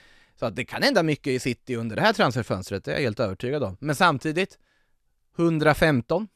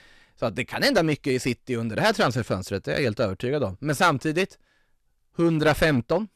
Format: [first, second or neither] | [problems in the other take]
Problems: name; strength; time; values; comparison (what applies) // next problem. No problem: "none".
first | distortion; slight; 3% of the sound clipped